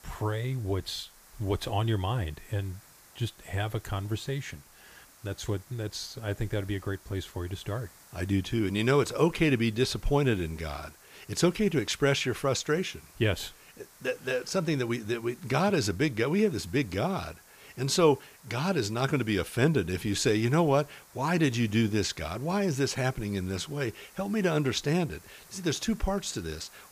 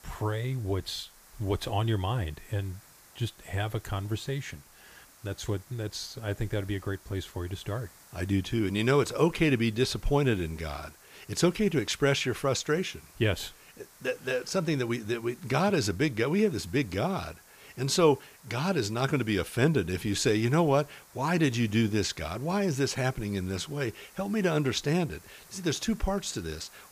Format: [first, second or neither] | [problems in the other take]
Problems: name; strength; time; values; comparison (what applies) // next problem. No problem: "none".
neither | hiss; faint; throughout; 25 dB below the speech; the same in both